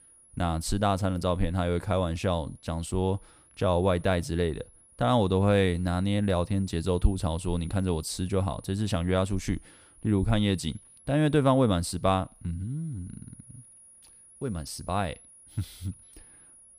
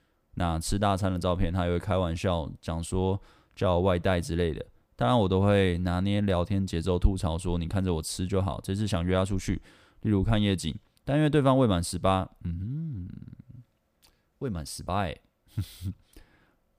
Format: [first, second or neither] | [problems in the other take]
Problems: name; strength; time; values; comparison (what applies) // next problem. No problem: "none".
second | high-pitched whine; faint; throughout; 10.5 kHz, 25 dB below the speech